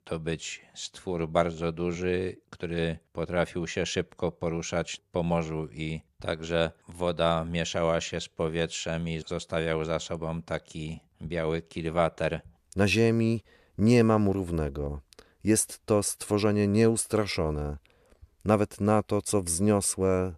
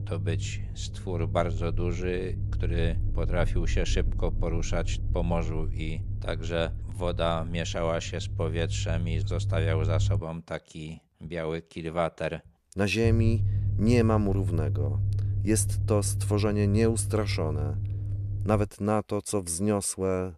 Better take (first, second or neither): first